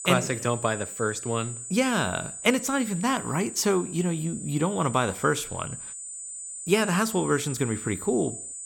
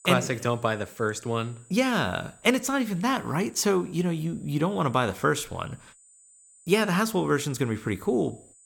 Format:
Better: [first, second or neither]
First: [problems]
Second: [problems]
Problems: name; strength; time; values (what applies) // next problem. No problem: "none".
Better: second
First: high-pitched whine; loud; throughout; 8 kHz, 9 dB below the speech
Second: high-pitched whine; faint; throughout; 8 kHz, 25 dB below the speech